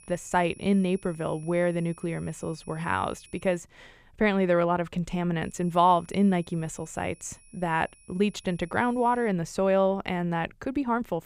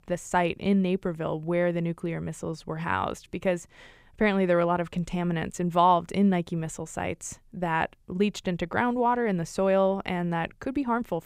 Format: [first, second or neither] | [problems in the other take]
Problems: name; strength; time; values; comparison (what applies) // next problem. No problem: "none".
second | high-pitched whine; faint; until 3.5 s and from 5.5 to 9.5 s; 10.5 kHz, 25 dB below the speech